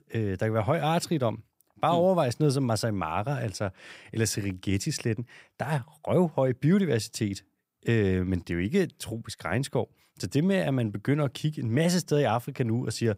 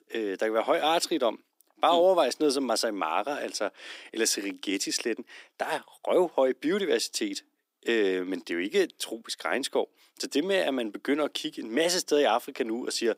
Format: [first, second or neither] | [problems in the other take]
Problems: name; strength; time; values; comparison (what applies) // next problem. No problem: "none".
first | thin; somewhat; fading below 250 Hz